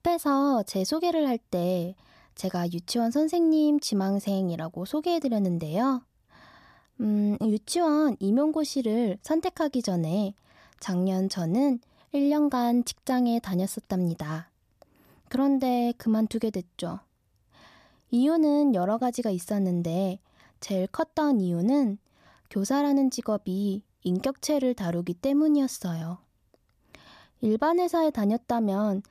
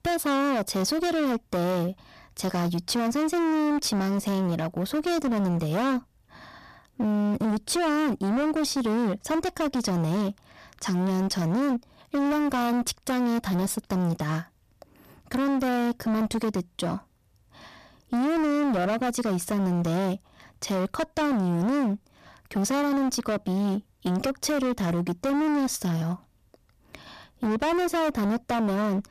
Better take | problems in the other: first | distortion; heavy; 32% of the sound clipped

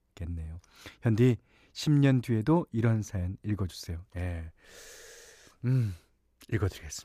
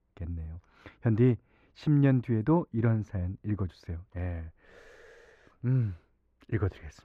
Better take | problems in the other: first | muffled; very; fading above 4 kHz

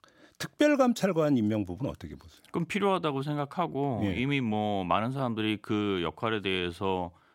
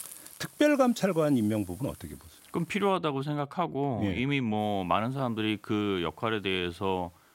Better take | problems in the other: first | hiss; faint; until 3 s and from 4.5 s on; 25 dB below the speech

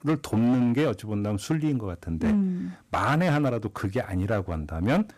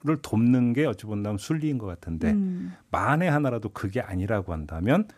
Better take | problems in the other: second | distortion; slight; 9% of the sound clipped

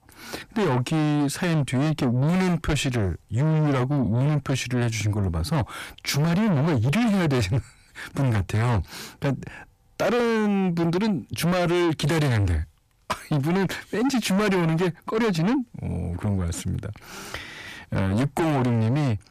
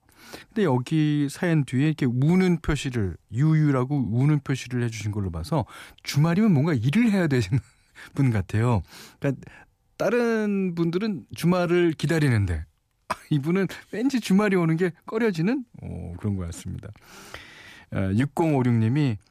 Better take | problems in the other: second | distortion; heavy; 7 dB below the speech

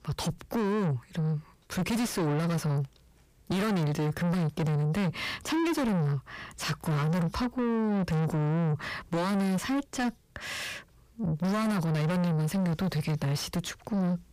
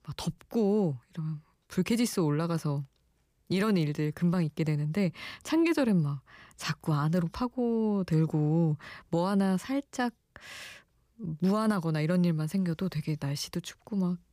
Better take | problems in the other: second | distortion; heavy; 5 dB below the speech

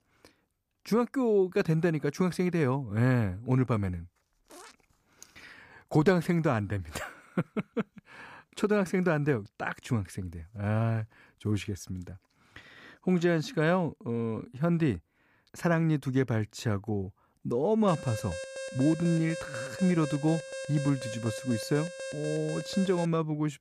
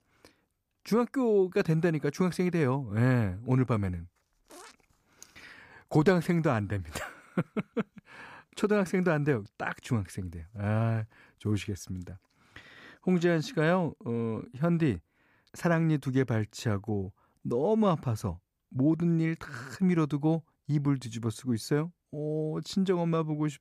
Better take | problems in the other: second | alarm; noticeable; from 18 to 23 s; peak 9 dB below the speech

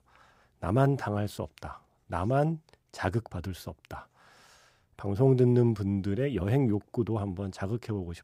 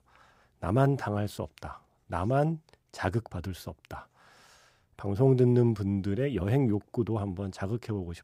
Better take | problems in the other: neither | none

